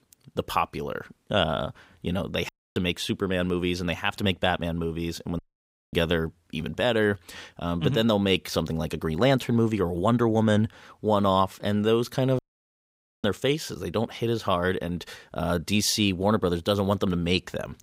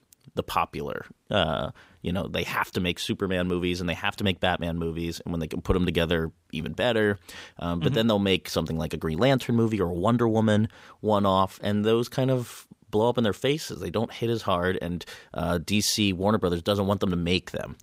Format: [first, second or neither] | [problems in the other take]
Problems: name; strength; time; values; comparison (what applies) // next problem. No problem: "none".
second | audio cutting out; at 2.5 s, at 5.5 s for 0.5 s and at 12 s for 1 s